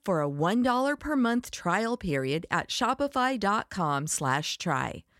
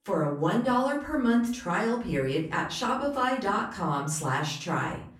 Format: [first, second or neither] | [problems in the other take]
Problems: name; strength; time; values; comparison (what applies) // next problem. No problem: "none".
first | off-mic speech; far // room echo; slight; dies away in 0.4 s